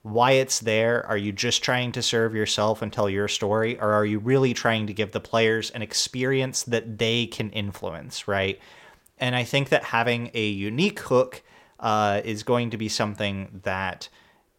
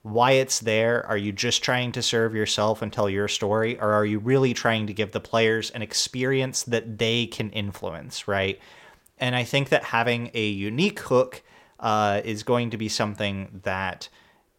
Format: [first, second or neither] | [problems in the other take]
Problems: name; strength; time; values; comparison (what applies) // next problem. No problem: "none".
neither | none